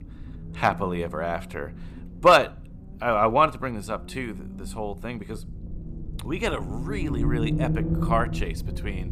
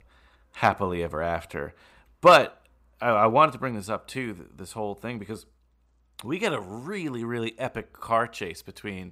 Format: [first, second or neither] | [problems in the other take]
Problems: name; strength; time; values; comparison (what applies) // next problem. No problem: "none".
second | low rumble; noticeable; throughout; 15 dB below the speech